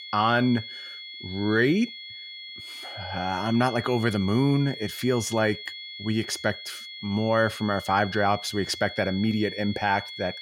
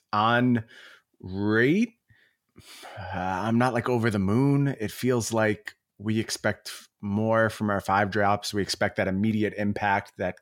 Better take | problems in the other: second | high-pitched whine; noticeable; throughout; 3.5 kHz, 10 dB below the speech

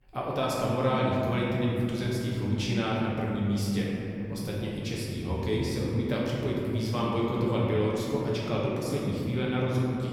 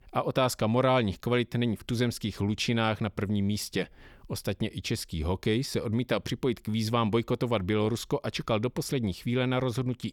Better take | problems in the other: second | room echo; strong; dies away in 3 s // off-mic speech; far

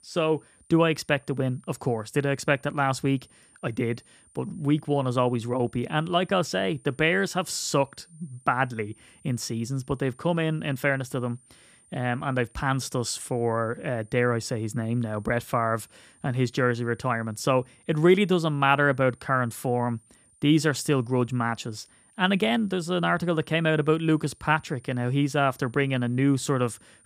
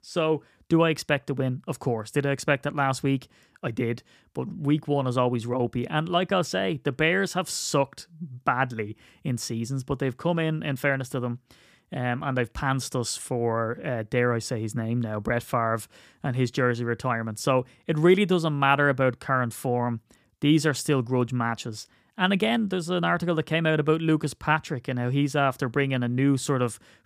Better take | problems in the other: second | high-pitched whine; faint; throughout; 9 kHz, 30 dB below the speech

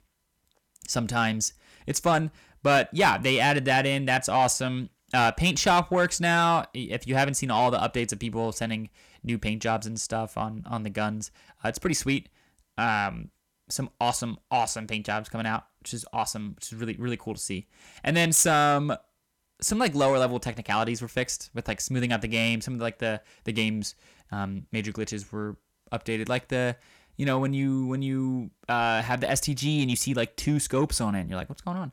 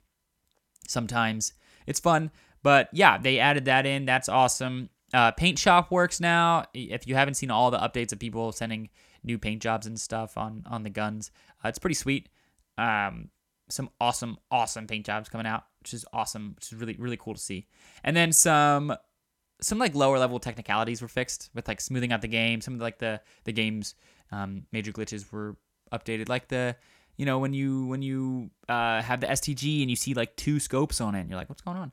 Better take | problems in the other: second | distortion; slight; 10 dB below the speech

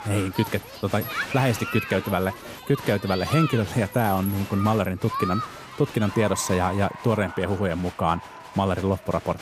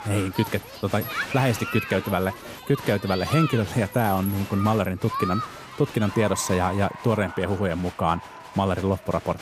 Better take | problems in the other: neither | crowd noise; loud; throughout; 9 dB below the speech; the same in both

